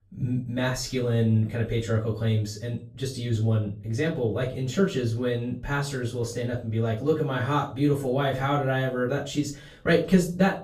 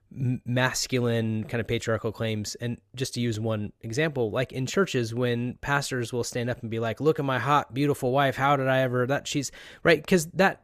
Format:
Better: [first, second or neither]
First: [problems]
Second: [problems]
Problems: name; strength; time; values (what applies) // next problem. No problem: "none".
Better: second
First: off-mic speech; far // room echo; slight; dies away in 0.3 s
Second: none